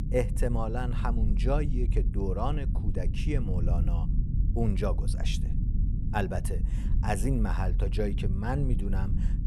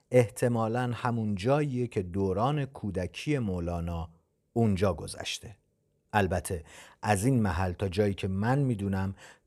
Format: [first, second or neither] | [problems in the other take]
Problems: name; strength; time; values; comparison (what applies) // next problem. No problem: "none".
second | low rumble; loud; throughout; 10 dB below the speech